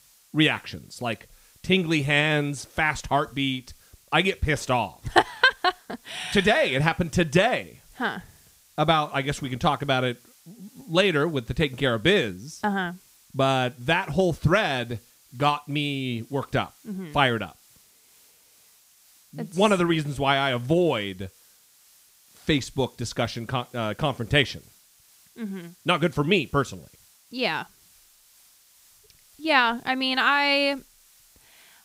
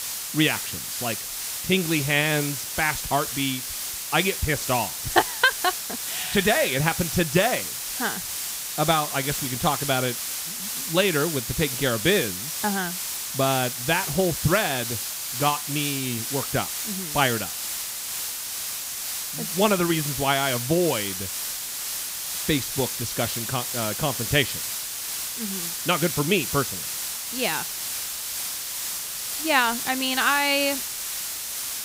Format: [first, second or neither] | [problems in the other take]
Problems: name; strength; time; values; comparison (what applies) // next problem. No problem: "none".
first | hiss; loud; throughout; 3 dB below the speech; faint in the first